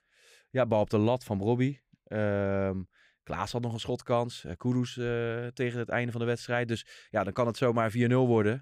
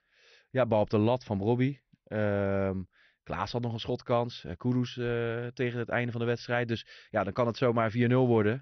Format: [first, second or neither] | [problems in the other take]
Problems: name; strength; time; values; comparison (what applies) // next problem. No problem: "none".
first | garbled, watery; slightly; nothing above 6 kHz